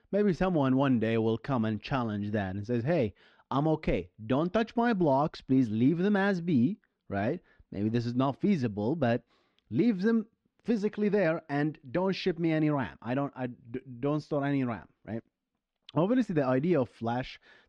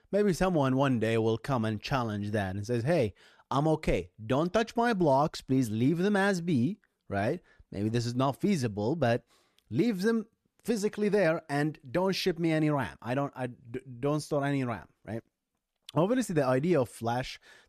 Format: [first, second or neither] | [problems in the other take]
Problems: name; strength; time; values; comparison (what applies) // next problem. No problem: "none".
second | muffled; very slightly; fading above 4 kHz